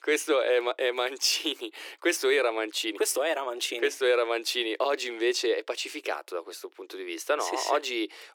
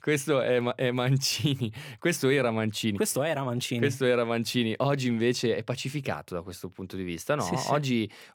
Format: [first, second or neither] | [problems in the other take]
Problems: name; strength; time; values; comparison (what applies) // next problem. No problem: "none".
second | thin; very; fading below 300 Hz